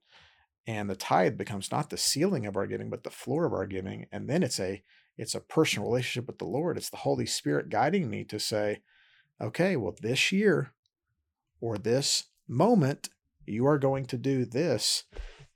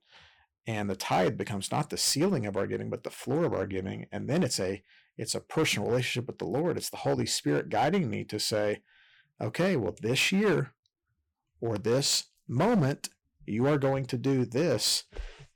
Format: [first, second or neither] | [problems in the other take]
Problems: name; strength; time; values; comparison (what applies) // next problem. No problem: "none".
first | distortion; slight; 6% of the sound clipped